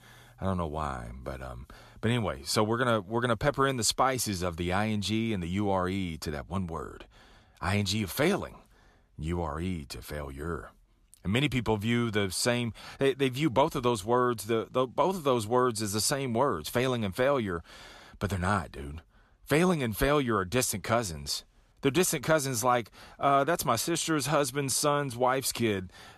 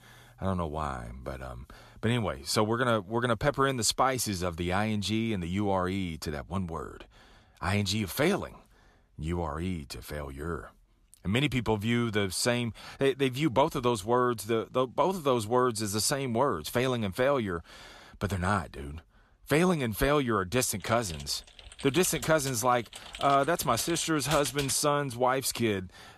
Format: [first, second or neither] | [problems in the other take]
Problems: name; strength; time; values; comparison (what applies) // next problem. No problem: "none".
first | keyboard typing; noticeable; from 21 to 25 s; peak 6 dB below the speech